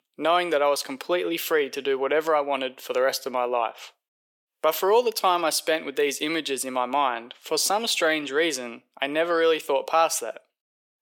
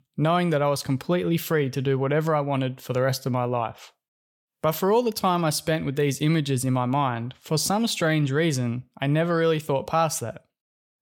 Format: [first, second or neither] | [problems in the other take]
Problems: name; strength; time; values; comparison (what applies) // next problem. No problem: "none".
second | thin; very; fading below 350 Hz